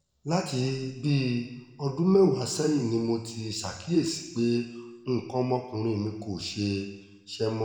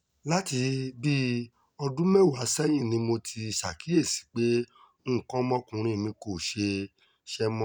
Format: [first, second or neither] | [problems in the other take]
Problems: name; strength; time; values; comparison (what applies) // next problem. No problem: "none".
second | room echo; dies away in 1.1 s